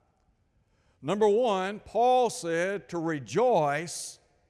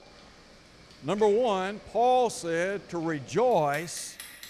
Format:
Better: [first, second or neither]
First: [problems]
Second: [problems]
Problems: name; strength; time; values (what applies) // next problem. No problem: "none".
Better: first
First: none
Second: household noises; faint; throughout; 20 dB below the speech